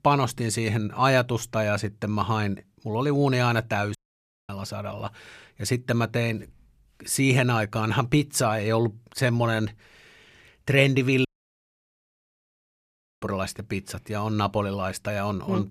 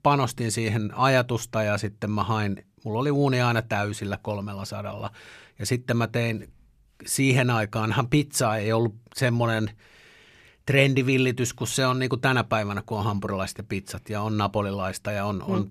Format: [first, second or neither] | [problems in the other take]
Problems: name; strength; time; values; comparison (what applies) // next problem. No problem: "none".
second | audio cutting out; at 4 s for 0.5 s and at 11 s for 2 s